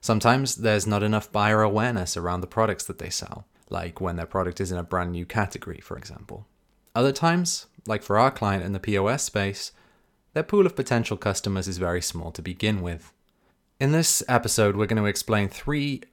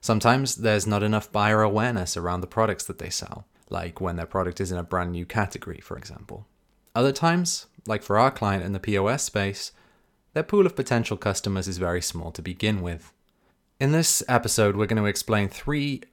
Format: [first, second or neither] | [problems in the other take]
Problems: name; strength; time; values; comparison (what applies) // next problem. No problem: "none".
neither | none